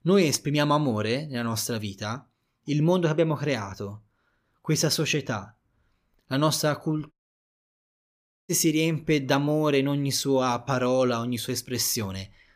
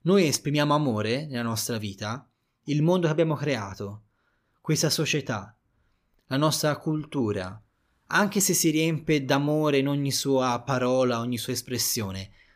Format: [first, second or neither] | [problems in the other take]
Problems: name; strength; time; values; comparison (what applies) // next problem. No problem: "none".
second | audio cutting out; at 7 s for 1.5 s